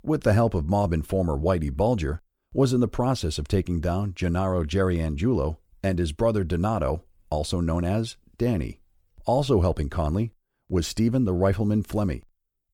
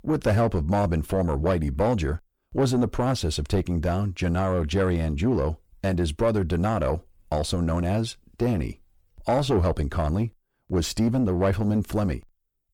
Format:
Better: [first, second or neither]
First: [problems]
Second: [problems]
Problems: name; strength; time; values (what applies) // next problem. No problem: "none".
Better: first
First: none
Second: distortion; slight; 10 dB below the speech